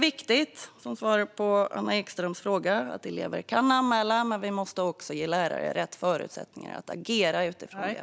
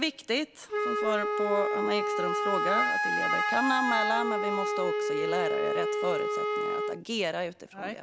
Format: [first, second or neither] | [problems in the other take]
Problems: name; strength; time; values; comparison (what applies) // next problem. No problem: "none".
first | background sound (Wind instrument, woodwind instrument); 3 dB above the speech